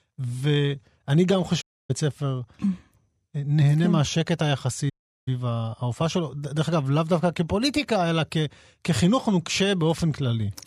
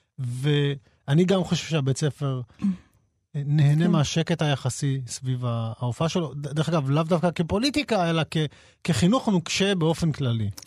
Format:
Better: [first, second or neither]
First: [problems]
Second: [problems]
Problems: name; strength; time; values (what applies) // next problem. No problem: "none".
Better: second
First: audio cutting out; at 1.5 s and at 5 s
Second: none